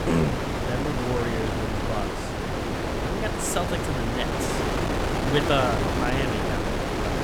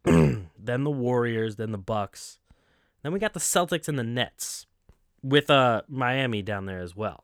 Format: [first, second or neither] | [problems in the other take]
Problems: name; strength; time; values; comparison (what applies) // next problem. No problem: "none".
second | wind noise on the microphone; heavy; 2 dB above the speech